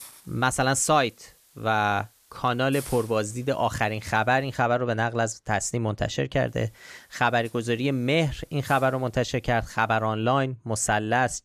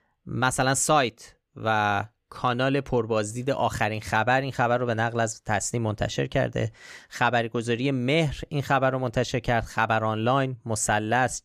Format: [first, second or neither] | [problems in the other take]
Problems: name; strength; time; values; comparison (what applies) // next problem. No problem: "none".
second | hiss; faint; until 4.5 s and from 6.5 to 10 s; 25 dB below the speech